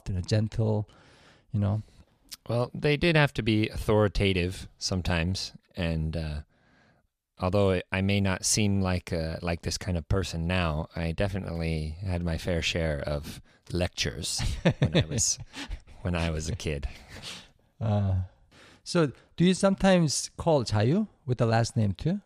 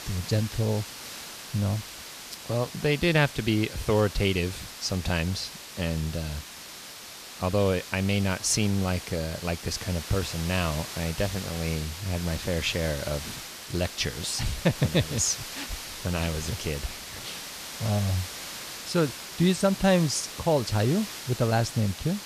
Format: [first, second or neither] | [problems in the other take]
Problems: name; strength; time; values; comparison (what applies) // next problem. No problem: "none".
first | hiss; loud; throughout; 10 dB below the speech